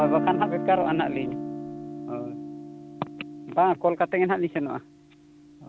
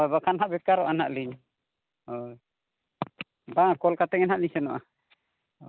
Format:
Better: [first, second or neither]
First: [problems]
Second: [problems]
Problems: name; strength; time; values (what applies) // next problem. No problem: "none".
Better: second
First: background sound (Guitar); 6 dB below the speech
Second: none